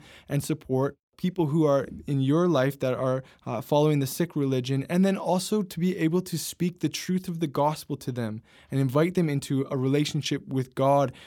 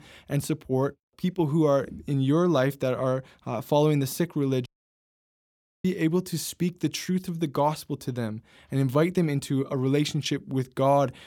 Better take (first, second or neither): first